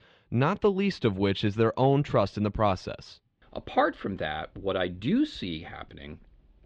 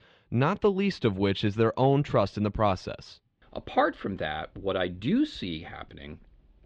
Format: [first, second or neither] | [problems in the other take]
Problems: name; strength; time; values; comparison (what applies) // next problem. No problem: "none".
neither | muffled; slightly; fading above 3.5 kHz; the same in both